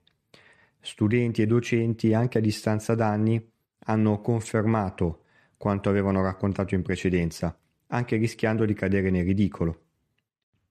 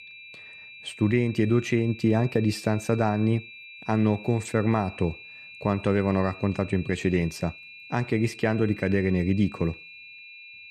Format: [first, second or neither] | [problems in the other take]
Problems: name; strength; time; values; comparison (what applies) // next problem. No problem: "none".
first | high-pitched whine; noticeable; throughout; 2.5 kHz, 15 dB below the speech